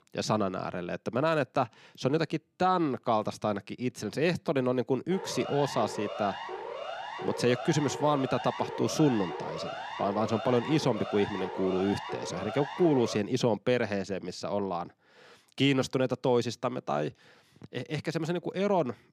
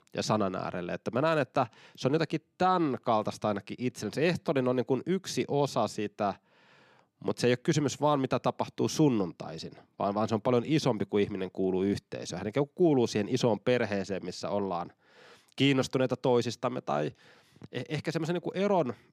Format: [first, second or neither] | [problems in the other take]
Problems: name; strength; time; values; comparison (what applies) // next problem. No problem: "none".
second | siren; noticeable; from 5 to 13 s; peak 8 dB below the speech